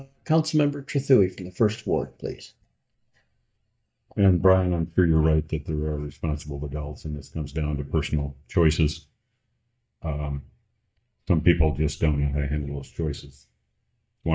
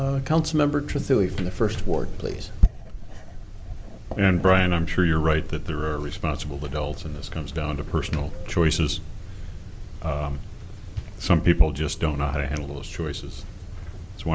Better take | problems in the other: second | noise reduction (neural mask model DeepFilterNet 3)

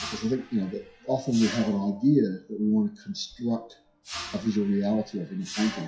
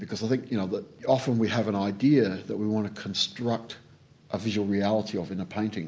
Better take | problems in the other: second | noise reduction (classical method WPE with log-MMSE)

